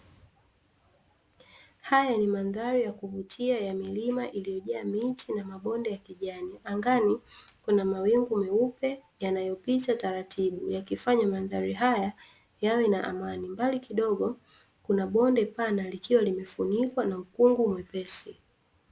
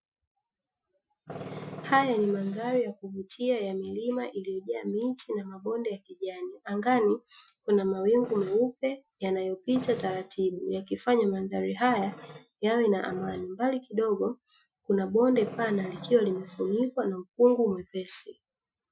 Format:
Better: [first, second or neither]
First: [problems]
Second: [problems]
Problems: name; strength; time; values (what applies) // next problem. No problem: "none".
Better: first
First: none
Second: noise reduction (classical method Wiener filter)